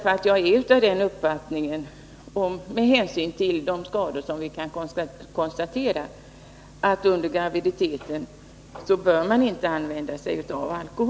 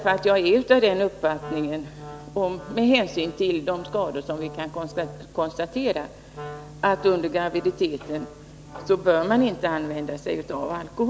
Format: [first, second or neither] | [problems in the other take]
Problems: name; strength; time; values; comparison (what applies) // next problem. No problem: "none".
first | background sound (Wind instrument, woodwind instrument); 18 dB below the speech